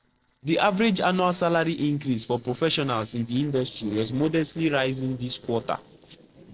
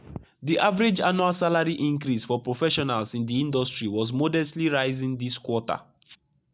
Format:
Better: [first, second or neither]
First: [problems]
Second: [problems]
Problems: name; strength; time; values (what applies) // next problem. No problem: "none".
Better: second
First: noise reduction (neural separator model SepFormer DNS4)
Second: none